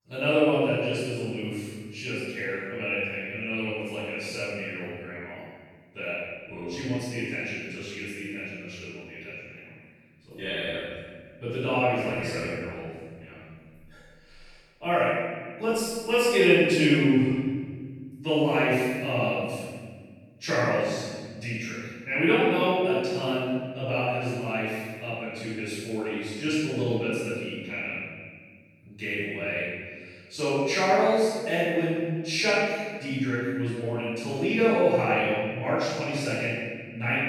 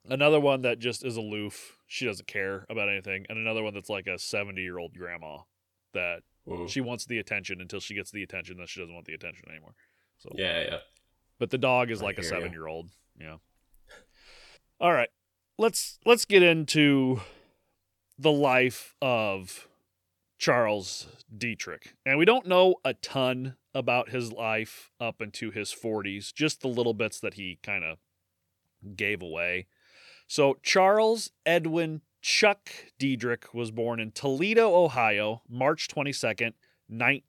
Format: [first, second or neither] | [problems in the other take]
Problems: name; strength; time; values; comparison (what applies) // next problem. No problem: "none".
second | off-mic speech; far // room echo; strong; dies away in 1.7 s